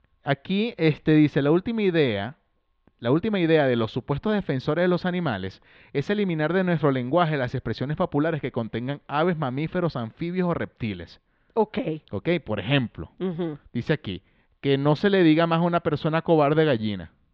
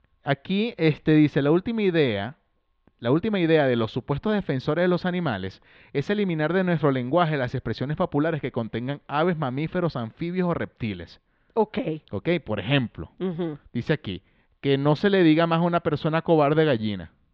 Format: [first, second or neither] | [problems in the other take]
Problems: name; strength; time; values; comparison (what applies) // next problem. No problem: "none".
neither | muffled; slightly; fading above 3.5 kHz; the same in both